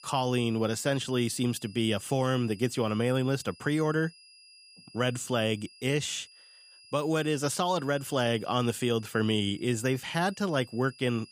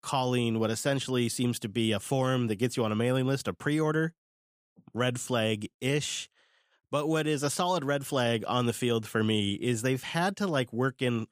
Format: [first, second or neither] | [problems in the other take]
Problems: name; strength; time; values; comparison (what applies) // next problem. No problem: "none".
second | high-pitched whine; faint; throughout; 5 kHz, 25 dB below the speech